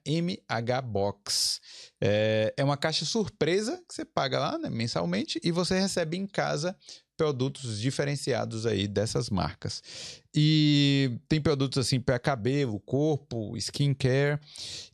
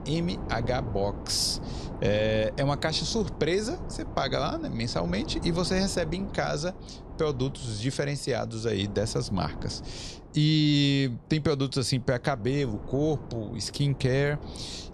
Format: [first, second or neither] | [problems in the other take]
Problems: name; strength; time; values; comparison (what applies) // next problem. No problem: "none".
first | wind noise on the microphone; occasional gusts; 15 dB below the speech